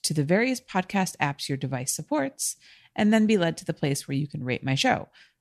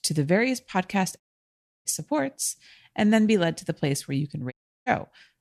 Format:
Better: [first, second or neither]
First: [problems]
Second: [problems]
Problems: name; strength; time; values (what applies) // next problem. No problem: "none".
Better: first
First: none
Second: audio cutting out; at 1 s for 0.5 s and at 4.5 s